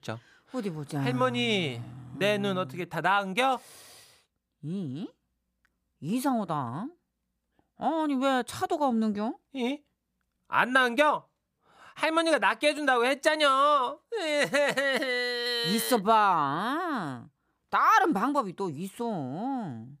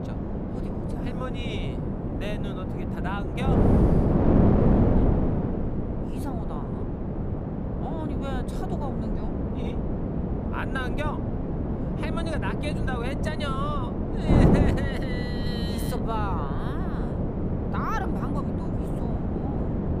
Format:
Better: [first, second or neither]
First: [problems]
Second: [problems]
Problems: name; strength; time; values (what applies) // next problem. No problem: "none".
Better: first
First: none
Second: wind noise on the microphone; heavy; 2 dB above the speech